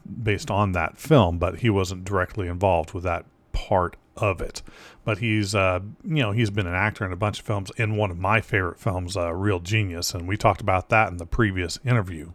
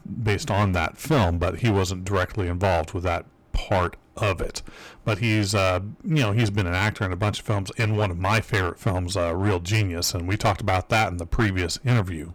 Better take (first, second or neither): first